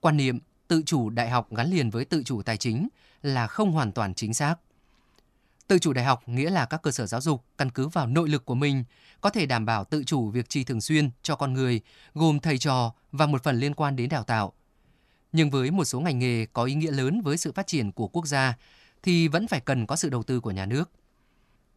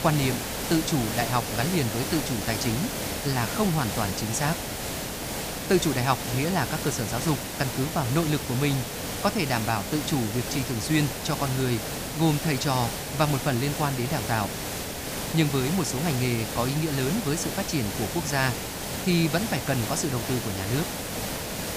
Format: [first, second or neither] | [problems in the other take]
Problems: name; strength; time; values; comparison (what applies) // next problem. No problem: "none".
first | hiss; loud; throughout; 3 dB below the speech